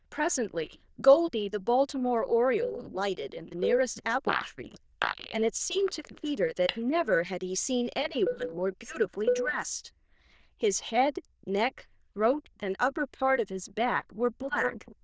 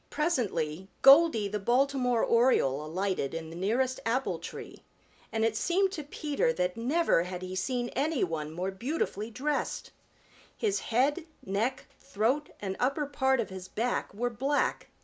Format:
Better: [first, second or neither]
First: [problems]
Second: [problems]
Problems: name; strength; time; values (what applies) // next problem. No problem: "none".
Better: second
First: noise reduction (neural diffusion model UNIVERSE++)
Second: none